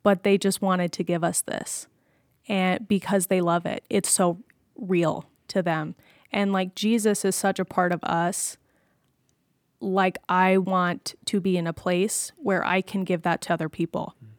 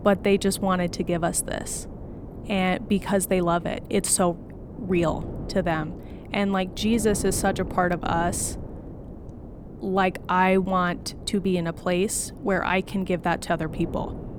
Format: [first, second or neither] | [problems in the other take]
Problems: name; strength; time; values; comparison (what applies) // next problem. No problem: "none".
first | wind noise on the microphone; occasional gusts; 15 dB below the speech